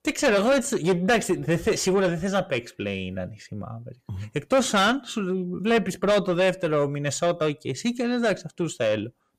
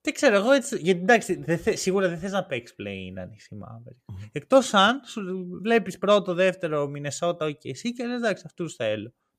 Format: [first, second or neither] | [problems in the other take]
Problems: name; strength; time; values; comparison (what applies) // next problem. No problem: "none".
second | distortion; heavy; 7 dB below the speech